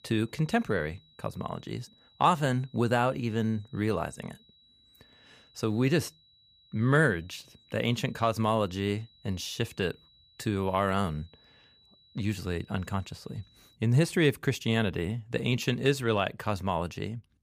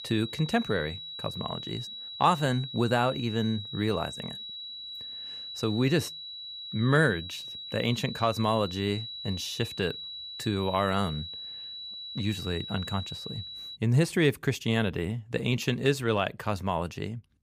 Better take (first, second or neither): first